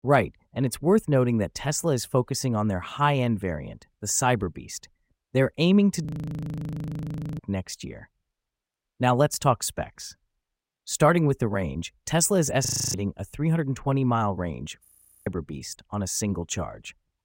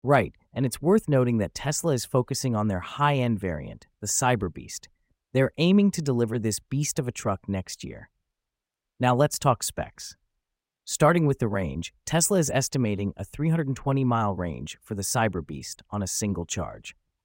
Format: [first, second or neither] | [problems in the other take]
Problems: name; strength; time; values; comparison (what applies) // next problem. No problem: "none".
second | audio freezing; at 6 s for 1.5 s, at 13 s and at 15 s